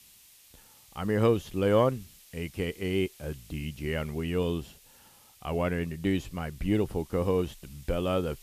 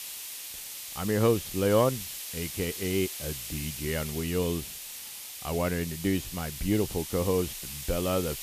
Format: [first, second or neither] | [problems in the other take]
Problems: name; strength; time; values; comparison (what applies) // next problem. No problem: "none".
first | hiss; loud; throughout; 7 dB below the speech; faint in the first